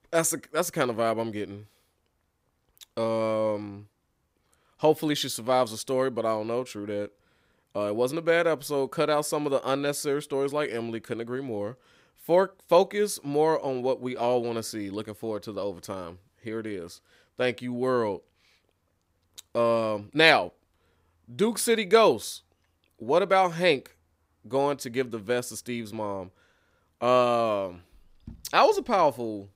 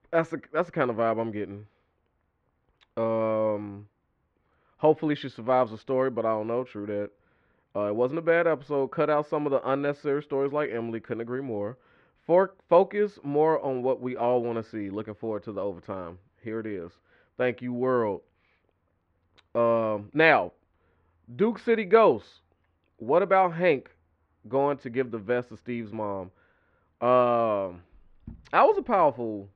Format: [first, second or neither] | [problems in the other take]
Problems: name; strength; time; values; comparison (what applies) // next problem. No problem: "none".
first | muffled; very; fading above 2 kHz